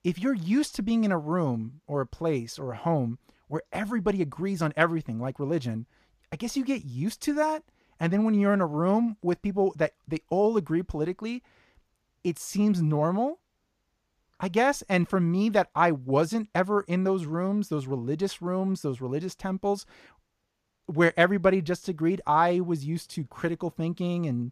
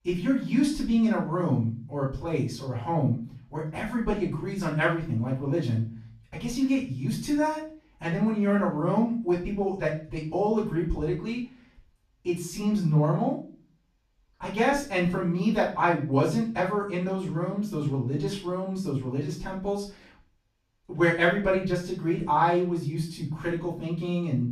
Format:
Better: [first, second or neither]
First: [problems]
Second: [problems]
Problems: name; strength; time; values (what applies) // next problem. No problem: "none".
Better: first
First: none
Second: off-mic speech; far // room echo; noticeable; dies away in 0.4 s